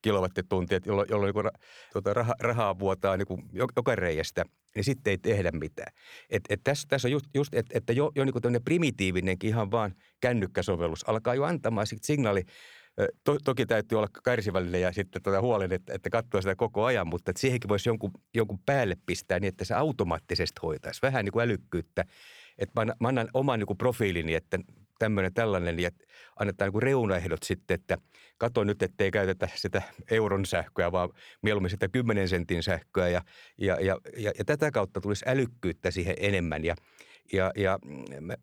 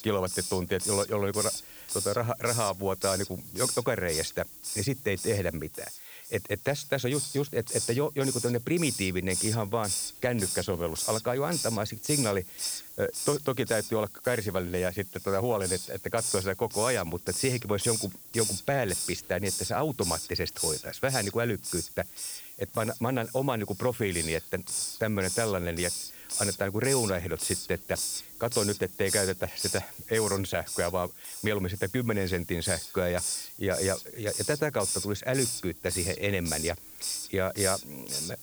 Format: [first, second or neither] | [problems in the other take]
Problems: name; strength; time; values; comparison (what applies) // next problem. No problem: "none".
first | hiss; loud; throughout; 2 dB below the speech